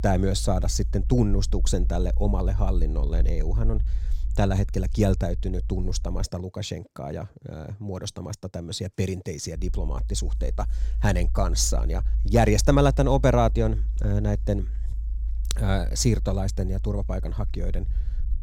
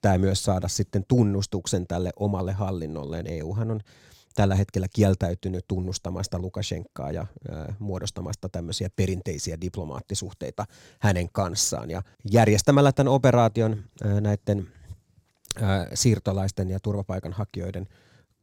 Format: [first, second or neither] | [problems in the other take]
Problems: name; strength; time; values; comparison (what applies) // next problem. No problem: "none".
second | low rumble; faint; until 6.5 s and from 9.5 s on; 20 dB below the speech